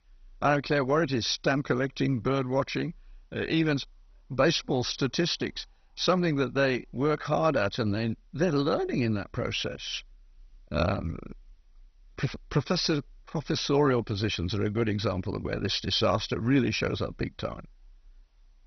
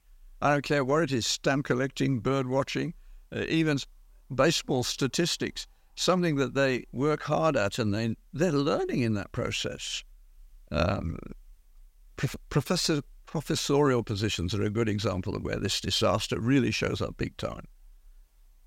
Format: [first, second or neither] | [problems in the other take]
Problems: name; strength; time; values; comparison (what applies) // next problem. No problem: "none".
second | garbled, watery; badly; nothing above 6 kHz